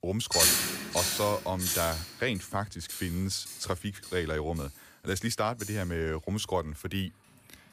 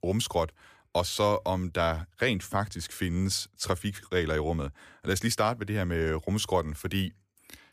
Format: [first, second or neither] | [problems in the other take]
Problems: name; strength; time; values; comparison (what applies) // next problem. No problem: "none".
second | household noises; very loud; throughout; 4 dB above the speech